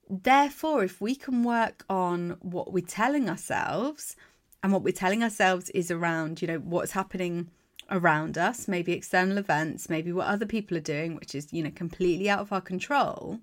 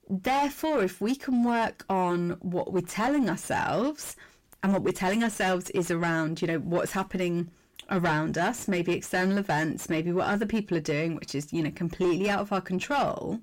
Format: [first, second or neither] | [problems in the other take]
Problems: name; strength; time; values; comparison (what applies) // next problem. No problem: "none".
first | distortion; heavy; 8 dB below the speech